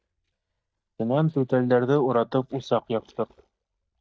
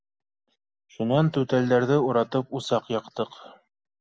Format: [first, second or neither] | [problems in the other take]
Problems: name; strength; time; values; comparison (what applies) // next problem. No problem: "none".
second | noise reduction (neural mask model DeepFilterNet 3)